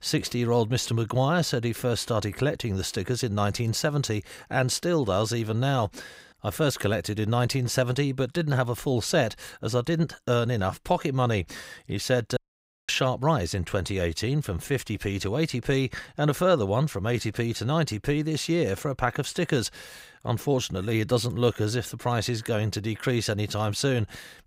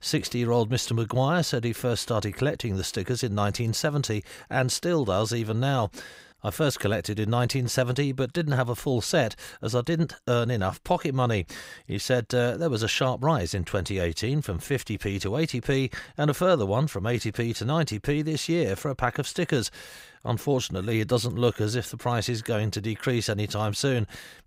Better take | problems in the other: second | audio cutting out; at 12 s for 0.5 s

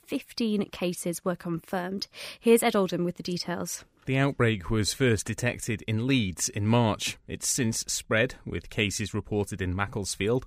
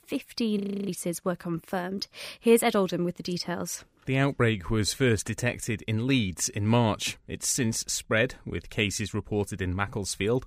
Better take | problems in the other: first | audio freezing; at 0.5 s

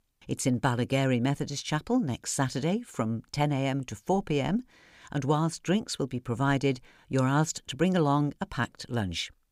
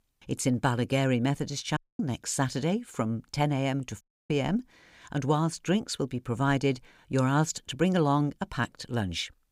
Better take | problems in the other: first | audio cutting out; at 2 s and at 4 s

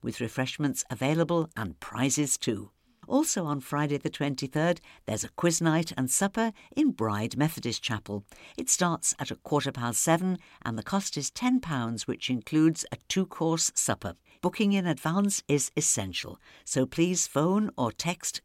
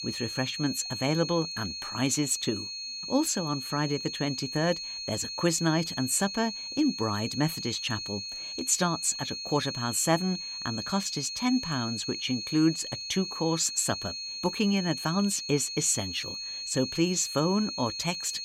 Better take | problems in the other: first | high-pitched whine; loud; throughout; 4.5 kHz, 5 dB below the speech

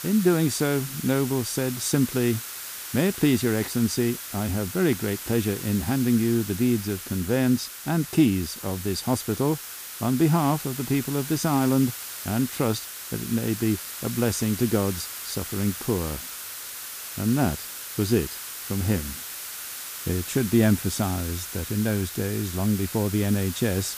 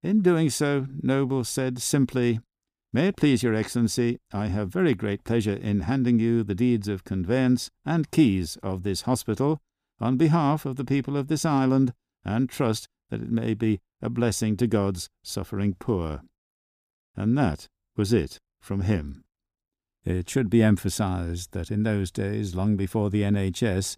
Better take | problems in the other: second | hiss; loud; throughout; 8 dB below the speech

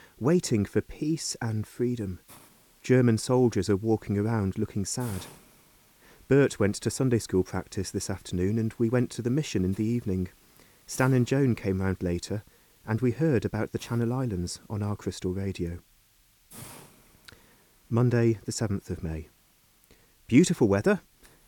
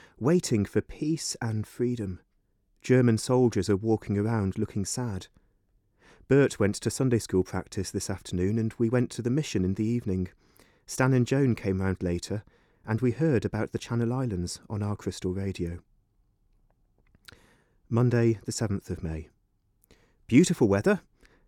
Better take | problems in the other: second | hiss; faint; throughout; 25 dB below the speech

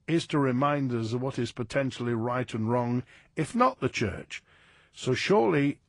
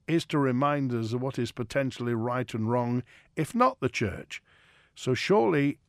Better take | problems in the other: second | garbled, watery; slightly; nothing above 10 kHz

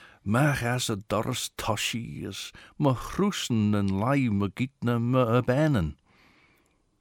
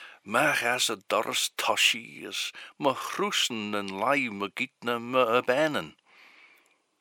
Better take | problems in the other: first | thin; somewhat; fading below 450 Hz

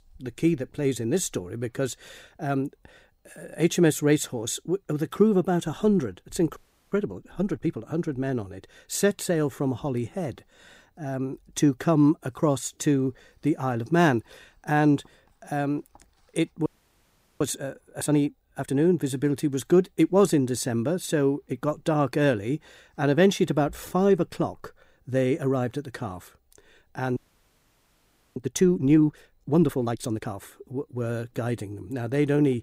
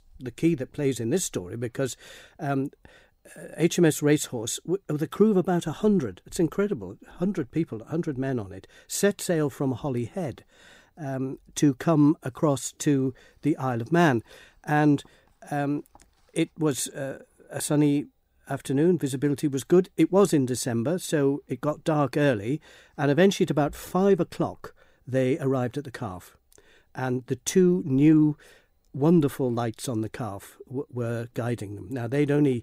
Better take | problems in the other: second | audio freezing; at 6.5 s, at 17 s for 0.5 s and at 27 s for 1 s

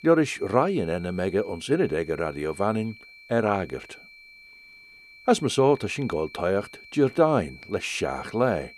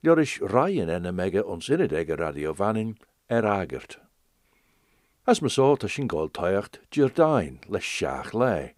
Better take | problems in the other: second | high-pitched whine; faint; throughout; 2.5 kHz, 20 dB below the speech

